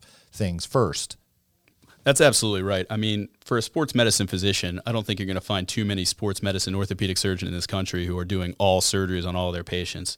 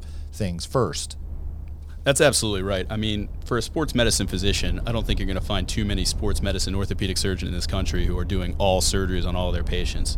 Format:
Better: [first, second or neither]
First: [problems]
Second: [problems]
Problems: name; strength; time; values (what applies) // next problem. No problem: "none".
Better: first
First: none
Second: low rumble; faint; throughout; 20 dB below the speech